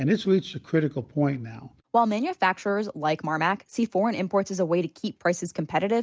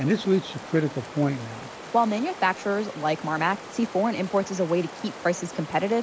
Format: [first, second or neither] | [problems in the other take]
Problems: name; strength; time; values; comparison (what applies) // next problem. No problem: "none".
first | background sound (Stream); 14 dB below the speech